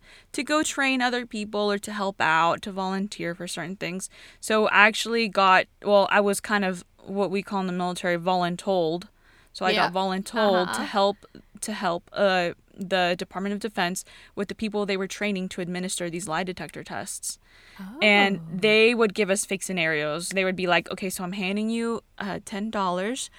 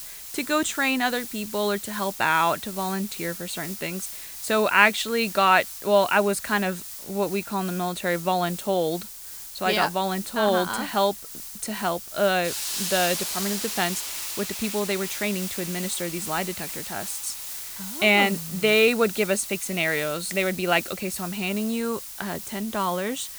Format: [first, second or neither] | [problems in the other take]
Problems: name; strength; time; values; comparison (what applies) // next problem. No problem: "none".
first | hiss; loud; throughout; 8 dB below the speech